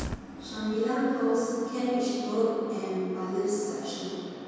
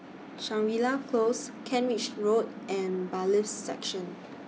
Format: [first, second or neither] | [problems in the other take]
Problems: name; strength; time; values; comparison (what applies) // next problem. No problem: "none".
second | background sound (Fire); 17 dB below the speech // room echo; dies away in 2.1 s